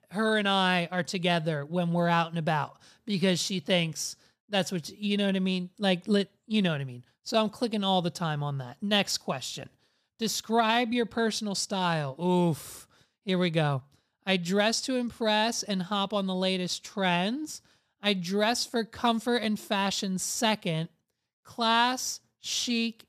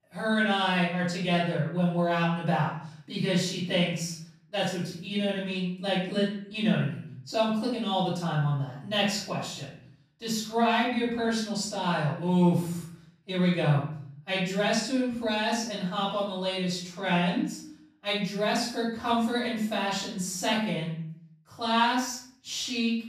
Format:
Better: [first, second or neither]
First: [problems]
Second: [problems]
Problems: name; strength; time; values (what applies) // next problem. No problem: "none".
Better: first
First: none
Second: room echo; noticeable; dies away in 0.6 s // off-mic speech; far